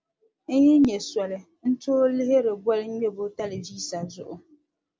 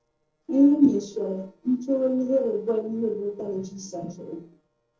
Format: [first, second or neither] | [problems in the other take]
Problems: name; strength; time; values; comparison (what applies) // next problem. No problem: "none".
first | noise reduction (neural separator model SepFormer DNS4)